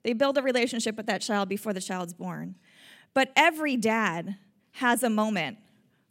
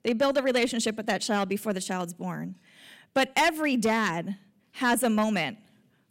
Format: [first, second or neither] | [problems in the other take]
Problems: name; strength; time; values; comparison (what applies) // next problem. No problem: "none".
first | distortion; slight; 4% of the sound clipped